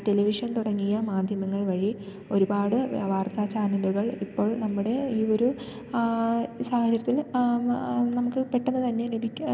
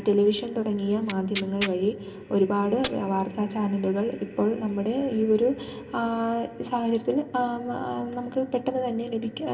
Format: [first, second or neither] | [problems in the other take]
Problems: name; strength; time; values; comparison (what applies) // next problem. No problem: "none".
first | background sound (Tearing); 13 dB below the speech // room echo; dies away in 0.2 s